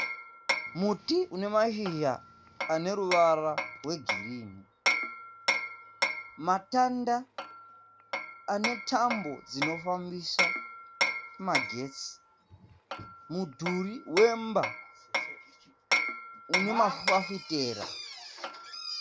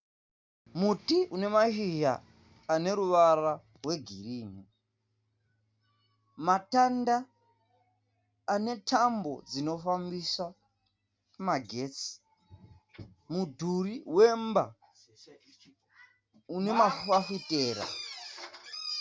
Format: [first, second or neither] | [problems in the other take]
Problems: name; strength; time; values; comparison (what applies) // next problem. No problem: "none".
second | background sound (Hammer); 4 dB below the speech